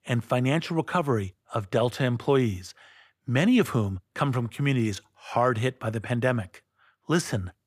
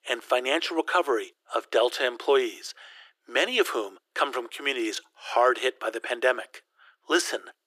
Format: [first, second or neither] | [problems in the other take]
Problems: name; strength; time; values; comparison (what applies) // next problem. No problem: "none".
first | thin; very; fading below 350 Hz